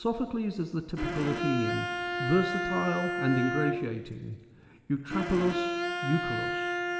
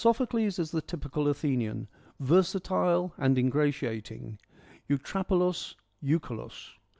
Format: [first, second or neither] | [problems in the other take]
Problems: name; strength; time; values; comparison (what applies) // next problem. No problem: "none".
second | background sound (Bowed string instrument); 2 dB below the speech // room echo; dies away in 3 s